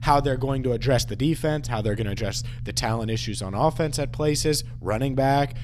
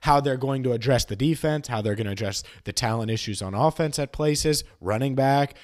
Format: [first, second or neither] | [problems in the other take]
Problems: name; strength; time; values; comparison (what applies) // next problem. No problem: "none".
second | low rumble; faint; throughout; 20 dB below the speech